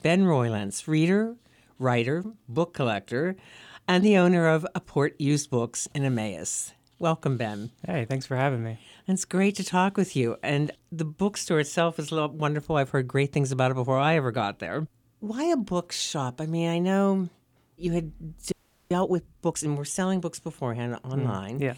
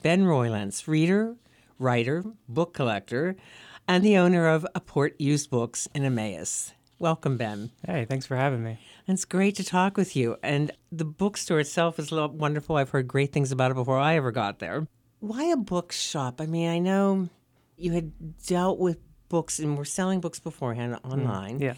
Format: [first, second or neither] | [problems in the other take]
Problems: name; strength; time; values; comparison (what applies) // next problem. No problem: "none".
second | audio freezing; at 19 s